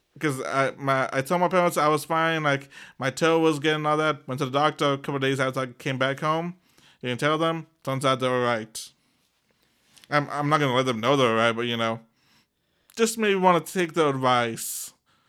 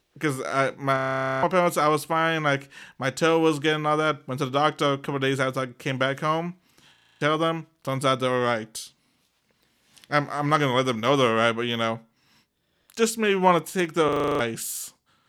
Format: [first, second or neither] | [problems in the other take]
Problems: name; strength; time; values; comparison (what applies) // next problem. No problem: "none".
first | audio freezing; at 1 s, at 7 s and at 14 s